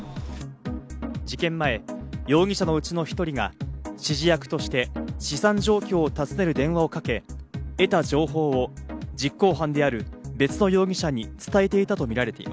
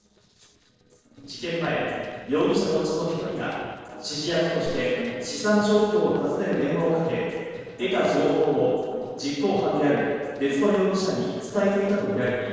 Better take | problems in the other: first | noise reduction (neural separator model SepFormer DNS4)

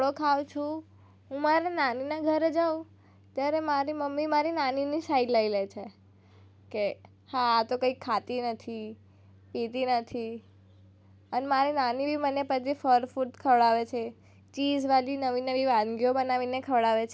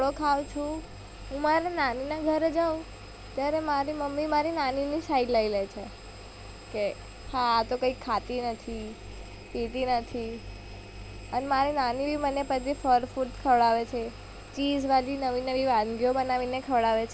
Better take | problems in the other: first | background sound (Engine); 15 dB below the speech

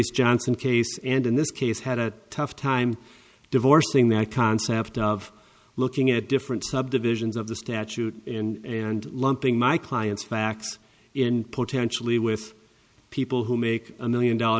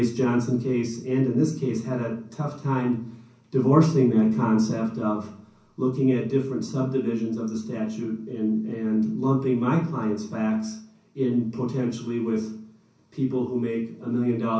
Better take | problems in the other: first | room echo; dies away in 0.6 s

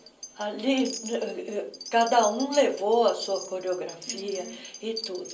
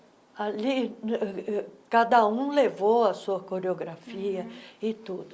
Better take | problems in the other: second | background sound (Wind chime); 14 dB below the speech // room echo; dies away in 0.3 s

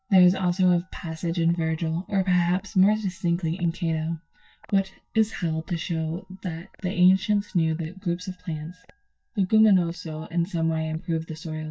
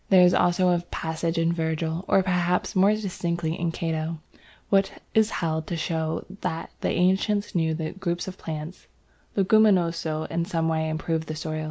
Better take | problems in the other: second | noise reduction (neural mask model DeepFilterNet 3)

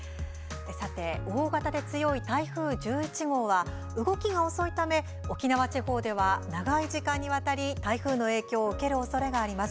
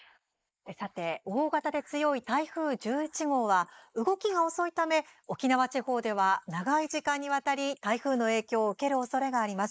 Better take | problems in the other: first | noise reduction (neural mask model Resemble Enhance denoiser)

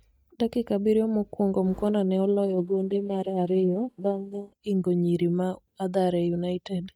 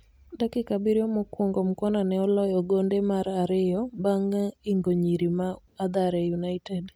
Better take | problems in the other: second | noise reduction (neural mask model DeepFilterNet 3)

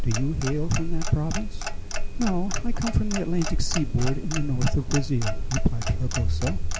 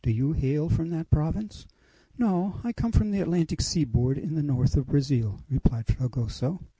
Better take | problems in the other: second | background sound (Clock); 2 dB above the speech

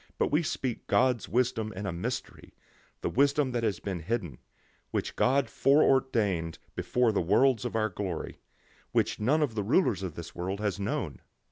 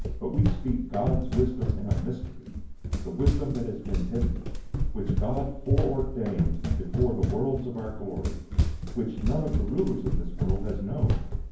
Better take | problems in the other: first | background sound (Run); 3 dB above the speech // room echo; dies away in 0.9 s

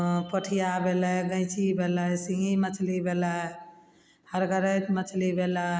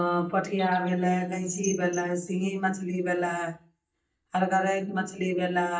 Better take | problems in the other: first | noise reduction (neural mask model DeepFilterNet 3)

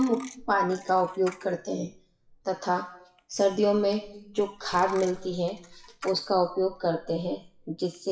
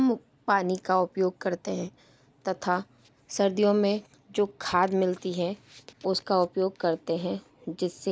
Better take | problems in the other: second | noise reduction (classical method WPE with log-MMSE)

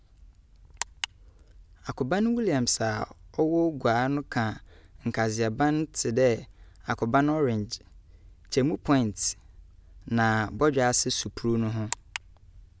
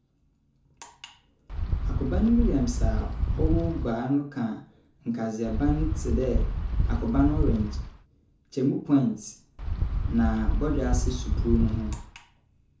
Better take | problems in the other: first | background sound (Wind); 2 dB above the speech // room echo; dies away in 0.6 s

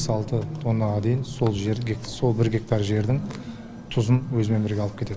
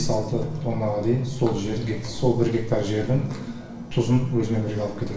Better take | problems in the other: first | room echo; dies away in 0.8 s

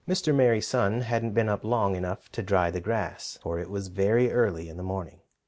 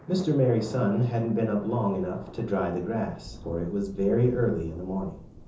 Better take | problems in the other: first | background sound (Thunder); 17 dB below the speech // room echo; dies away in 0.6 s

